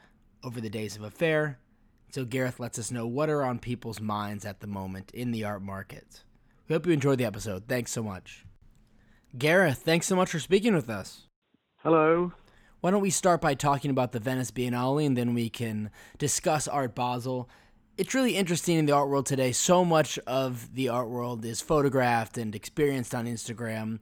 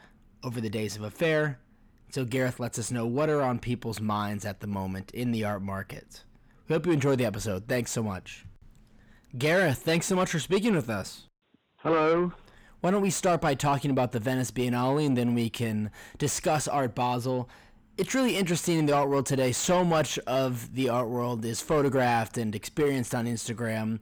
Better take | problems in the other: first | distortion; slight; 10 dB below the speech

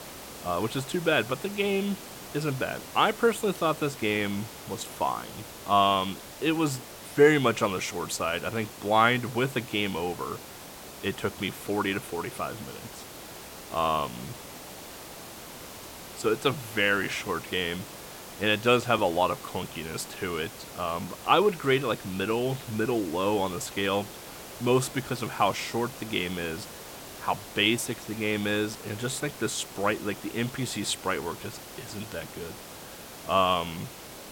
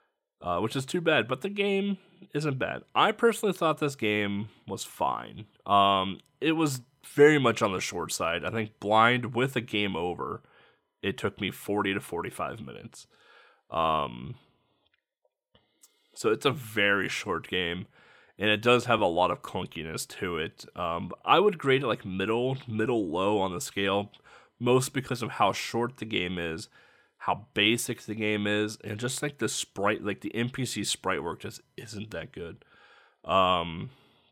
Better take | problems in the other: second | hiss; noticeable; throughout; 15 dB below the speech

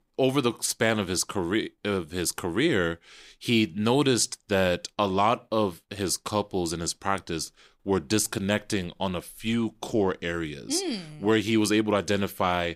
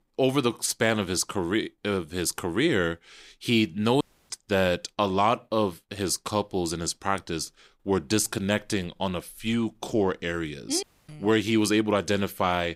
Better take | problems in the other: first | audio cutting out; at 4 s and at 11 s

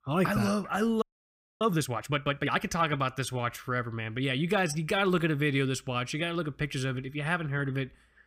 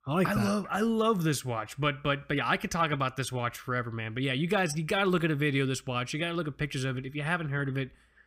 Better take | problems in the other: second | audio freezing; at 1 s for 0.5 s

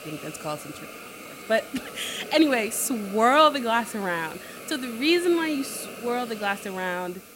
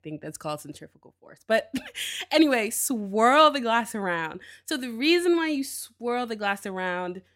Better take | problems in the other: second | hiss; noticeable; throughout; 15 dB below the speech

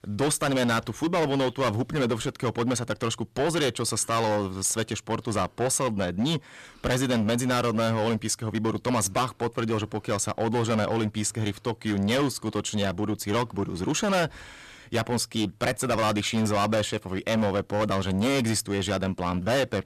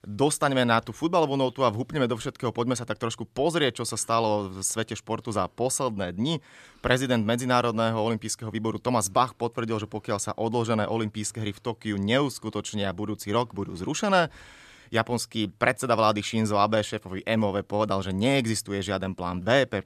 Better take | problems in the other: second | distortion; heavy; 15% of the sound clipped

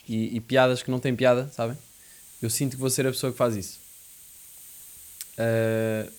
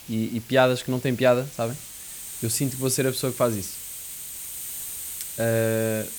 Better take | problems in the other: first | hiss; loud; throughout; 10 dB below the speech; faint in the first

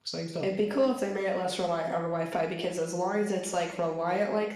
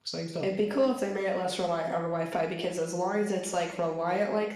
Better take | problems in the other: neither | room echo; noticeable; dies away in 0.9 s; the same in both // off-mic speech; somewhat distant; the same in both

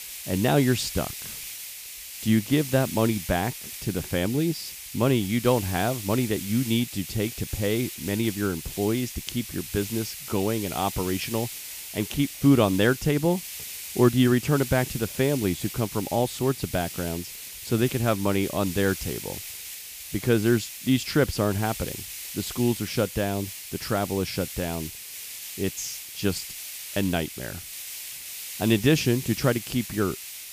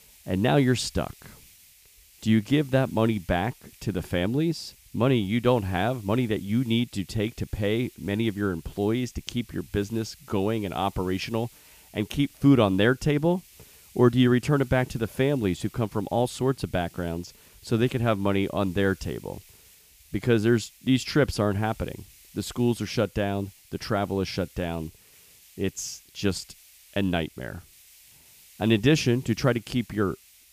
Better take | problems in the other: second | hiss; loud; throughout; 9 dB below the speech; faint in the second

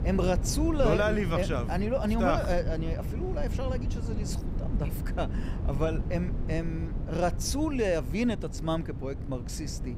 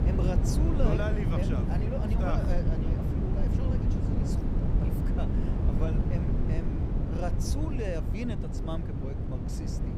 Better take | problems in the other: first | wind noise on the microphone; heavy; as loud as the speech; occasional gusts in the first

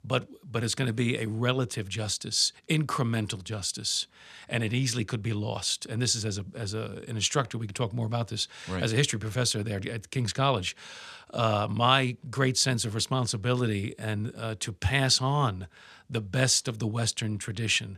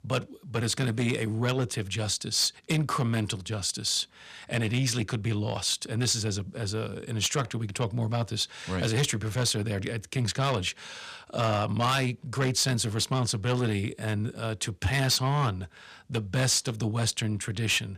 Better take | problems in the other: first | distortion; slight; 10 dB below the speech

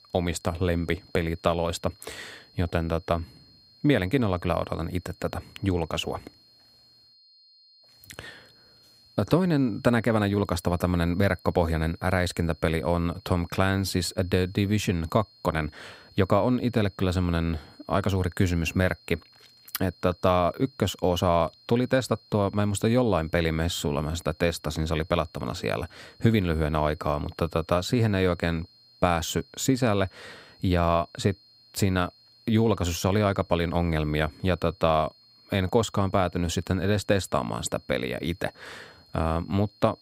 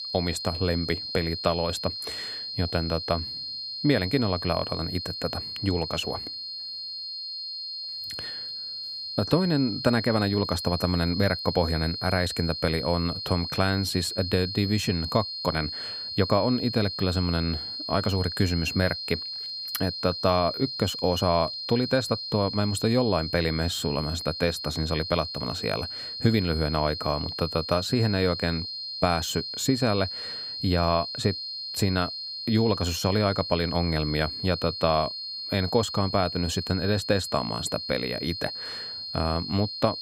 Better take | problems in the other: first | high-pitched whine; loud; throughout; 4 kHz, 5 dB below the speech; faint in the first

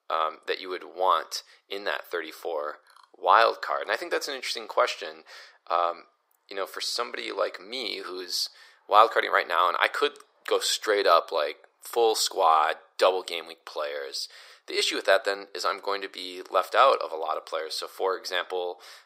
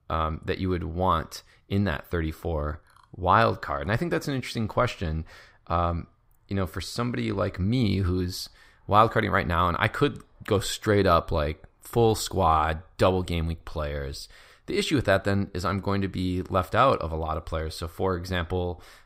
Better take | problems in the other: second | thin; very; fading below 400 Hz

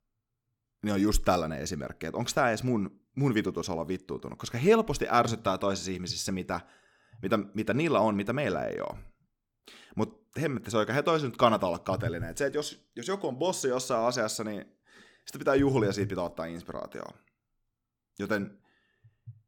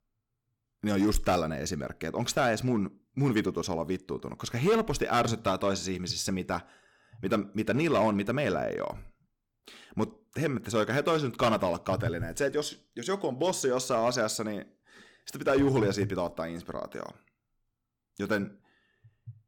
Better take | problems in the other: first | distortion; slight; 3% of the sound clipped

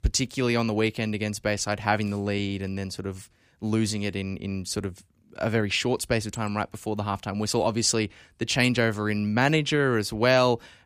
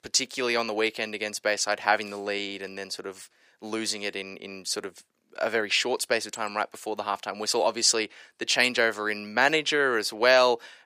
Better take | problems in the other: first | thin; very; fading below 500 Hz

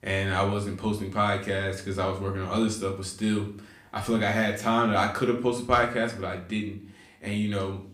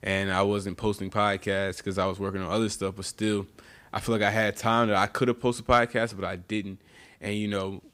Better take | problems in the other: second | room echo; slight; dies away in 0.4 s // off-mic speech; somewhat distant

